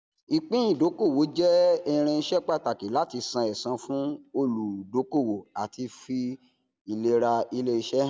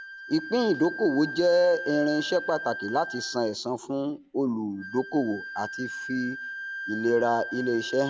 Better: first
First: none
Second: background sound (Wind instrument, woodwind instrument); 10 dB below the speech

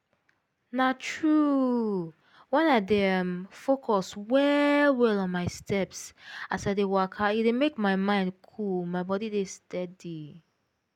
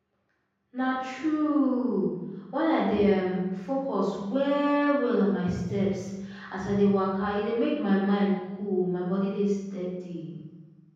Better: first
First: none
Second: room echo; dies away in 1.3 s

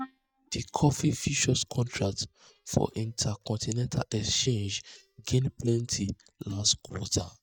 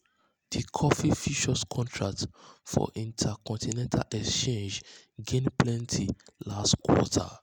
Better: second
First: noise reduction (neural mask model DeepFilterNet 3)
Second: none

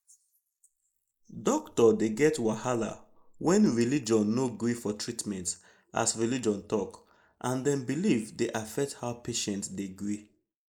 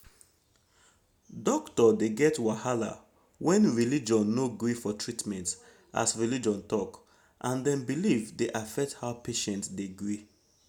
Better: second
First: noise reduction (neural mask model Resemble Enhance denoiser)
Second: none

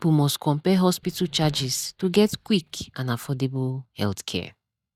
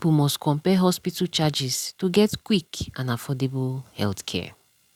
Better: second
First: noise reduction (neural mask model DeepFilterNet 3)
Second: none

